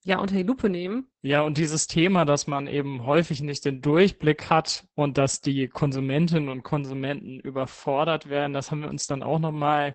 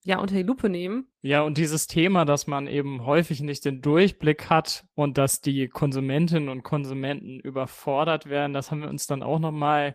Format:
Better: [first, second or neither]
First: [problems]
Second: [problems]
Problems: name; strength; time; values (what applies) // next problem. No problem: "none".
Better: second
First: garbled, watery; badly; nothing above 8 kHz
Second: garbled, watery; slightly; nothing above 14.5 kHz